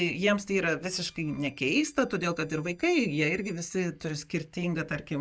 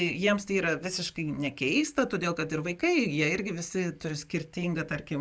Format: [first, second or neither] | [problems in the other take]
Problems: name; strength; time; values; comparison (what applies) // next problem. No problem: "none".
second | noise reduction (neural mask model DeepFilterNet 3)